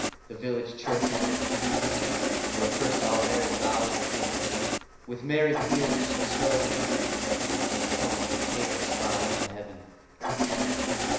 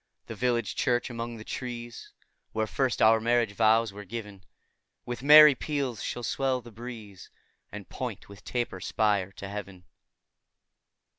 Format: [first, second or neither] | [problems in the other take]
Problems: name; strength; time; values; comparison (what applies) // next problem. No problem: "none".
second | background sound (Engine starting); 4 dB above the speech // room echo; dies away in 1 s